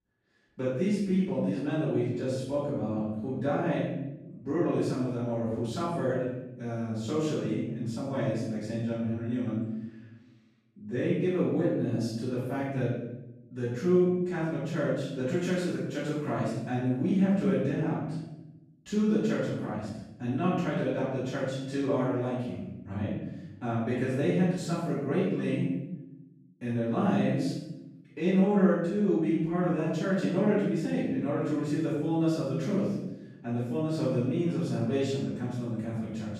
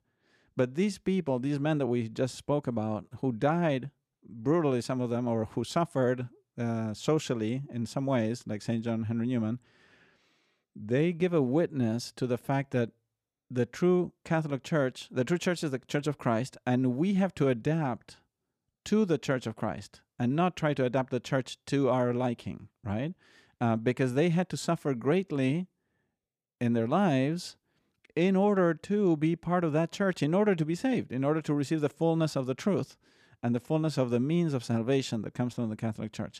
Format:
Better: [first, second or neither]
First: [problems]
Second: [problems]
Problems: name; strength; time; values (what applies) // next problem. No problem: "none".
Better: second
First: off-mic speech; far // room echo; strong; dies away in 0.9 s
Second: none